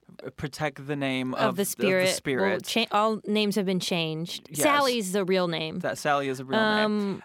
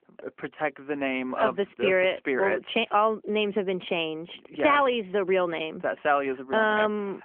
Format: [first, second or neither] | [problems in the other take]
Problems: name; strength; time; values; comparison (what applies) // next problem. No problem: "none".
first | phone-call audio; nothing above 3.5 kHz